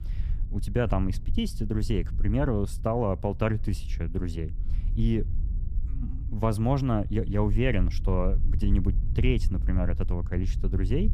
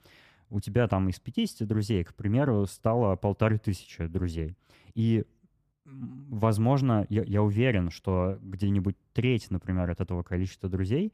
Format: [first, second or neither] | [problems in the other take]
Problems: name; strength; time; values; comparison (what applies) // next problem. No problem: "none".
second | low rumble; noticeable; throughout; 20 dB below the speech